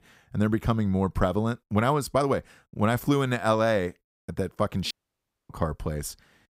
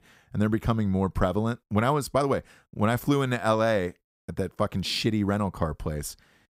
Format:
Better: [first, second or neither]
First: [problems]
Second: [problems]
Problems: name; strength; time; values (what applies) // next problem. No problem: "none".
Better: second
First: audio cutting out; at 5 s for 0.5 s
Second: none